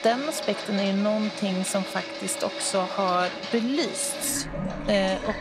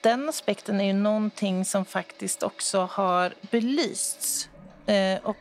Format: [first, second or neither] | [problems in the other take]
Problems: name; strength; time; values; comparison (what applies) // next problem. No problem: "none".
second | household noises; loud; throughout; 6 dB below the speech; faint in the second